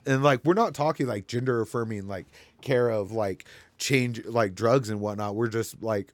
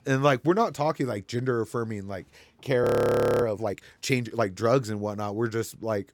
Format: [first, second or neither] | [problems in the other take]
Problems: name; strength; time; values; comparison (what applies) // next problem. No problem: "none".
first | audio freezing; at 3 s for 0.5 s